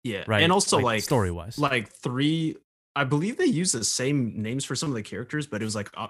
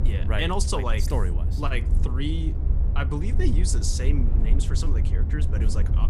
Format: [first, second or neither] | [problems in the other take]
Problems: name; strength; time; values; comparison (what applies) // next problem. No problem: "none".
first | low rumble; loud; throughout; 9 dB below the speech